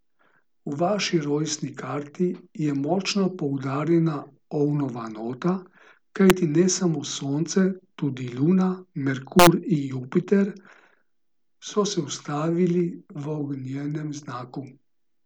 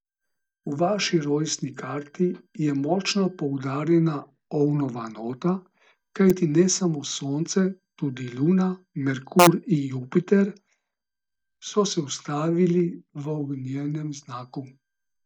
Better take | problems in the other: first | noise reduction (neural mask model DeepFilterNet 3)

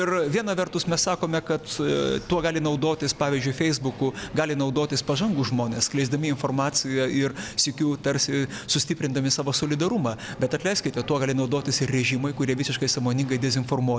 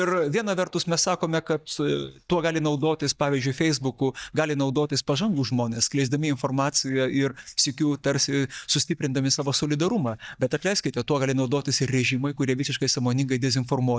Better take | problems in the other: first | noise reduction (neural mask model DeepFilterNet 3)

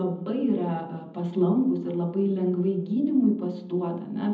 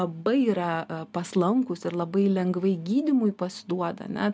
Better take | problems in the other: second | room echo; dies away in 0.8 s

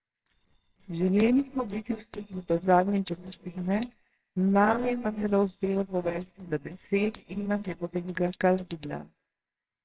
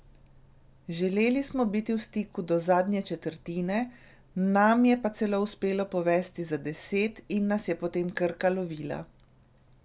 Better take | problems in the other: second | noise reduction (neural separator model SepFormer WHAMR!)

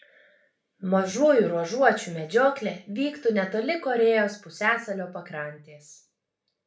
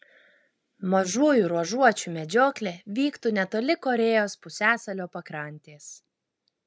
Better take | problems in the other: second | room echo; dies away in 0.3 s

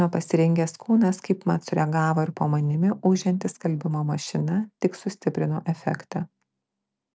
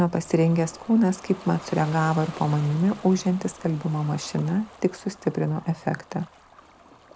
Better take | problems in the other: first | background sound (Ocean); 19 dB below the speech

